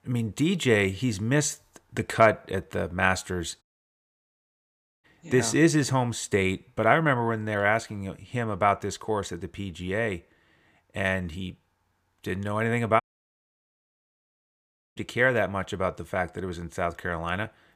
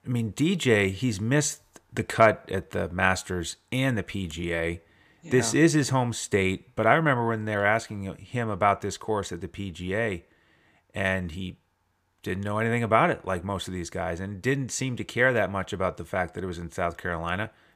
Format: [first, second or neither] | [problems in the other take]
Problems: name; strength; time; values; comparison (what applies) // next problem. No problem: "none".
second | audio cutting out; at 3.5 s for 1.5 s and at 13 s for 2 s